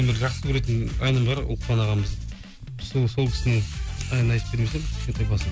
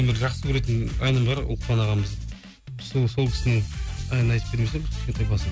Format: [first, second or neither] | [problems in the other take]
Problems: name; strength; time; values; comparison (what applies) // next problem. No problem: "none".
second | background sound (Camera); 19 dB below the speech